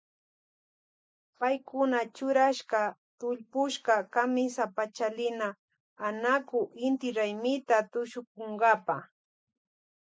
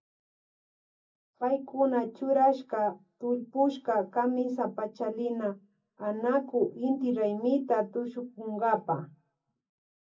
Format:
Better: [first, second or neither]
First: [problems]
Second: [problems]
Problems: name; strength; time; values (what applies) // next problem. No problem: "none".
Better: first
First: none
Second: room echo; dies away in 0.4 s